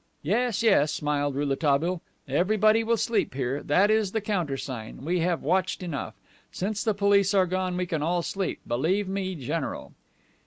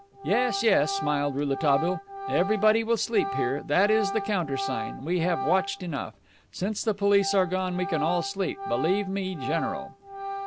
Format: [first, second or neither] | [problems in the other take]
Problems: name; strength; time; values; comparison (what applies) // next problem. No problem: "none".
first | background sound (Organ); 8 dB below the speech